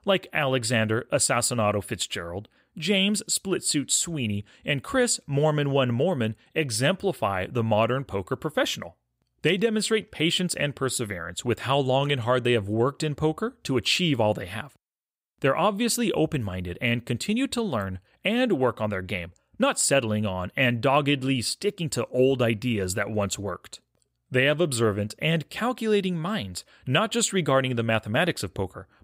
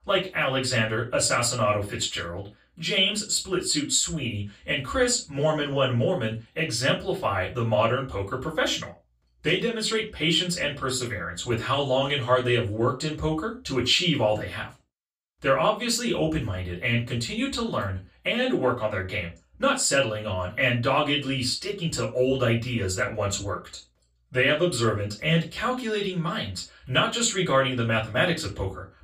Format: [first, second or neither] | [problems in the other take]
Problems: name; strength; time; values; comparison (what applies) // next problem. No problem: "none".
first | room echo; slight; dies away in 0.2 s // off-mic speech; far